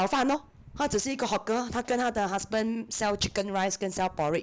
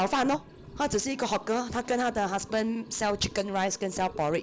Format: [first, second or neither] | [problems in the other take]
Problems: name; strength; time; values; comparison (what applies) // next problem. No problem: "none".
first | background sound (Liquid); 19 dB below the speech